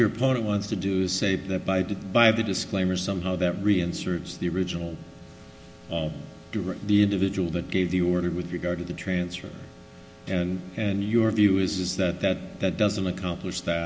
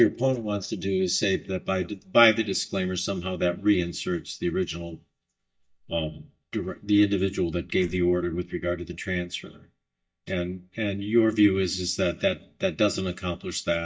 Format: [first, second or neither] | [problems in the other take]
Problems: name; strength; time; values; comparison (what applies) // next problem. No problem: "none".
first | noise reduction (neural mask model DeepFilterNet 3)